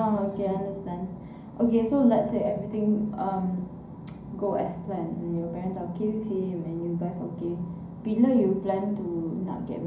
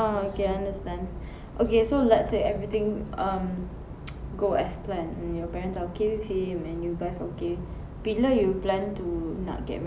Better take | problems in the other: second | room echo; dies away in 0.5 s

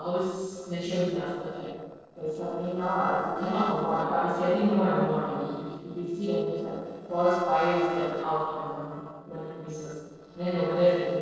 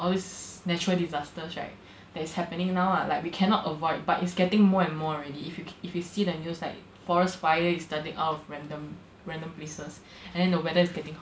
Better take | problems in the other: second | noise reduction (neural separator model SepFormer DNS4)

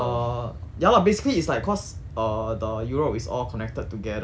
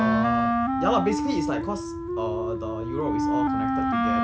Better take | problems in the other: first | background sound (Wind instrument, woodwind instrument); 5 dB above the speech

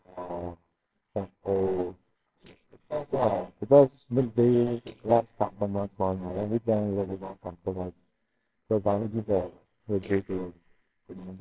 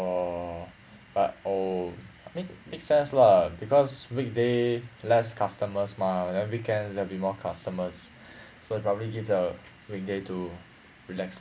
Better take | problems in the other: second | noise reduction (neural separator model SepFormer WHAMR!)

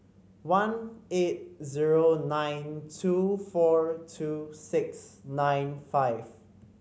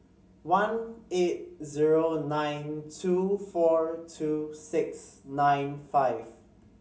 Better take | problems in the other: first | room echo; dies away in 0.2 s

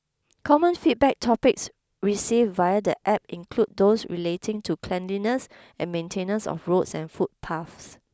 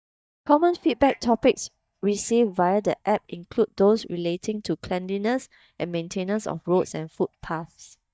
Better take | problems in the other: first | noise reduction (neural mask model DeepFilterNet 3)

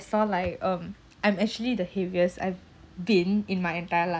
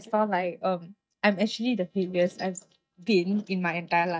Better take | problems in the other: first | noise reduction (neural mask model DeepFilterNet 3)

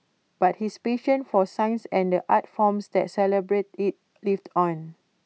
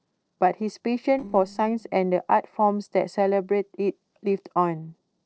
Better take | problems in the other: first | noise reduction (neural separator model SepFormer DNS4)

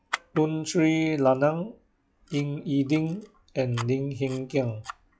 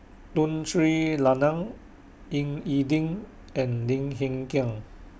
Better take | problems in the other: second | noise reduction (classical method log-MMSE)

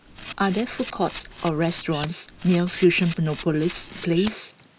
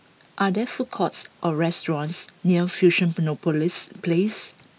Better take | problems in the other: second | background sound (Camera); 15 dB below the speech

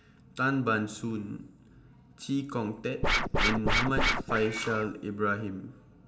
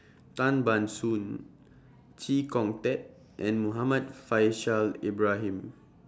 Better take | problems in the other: second | background sound (Scratching (performance technique)); 4 dB above the speech // room echo; dies away in 0.9 s

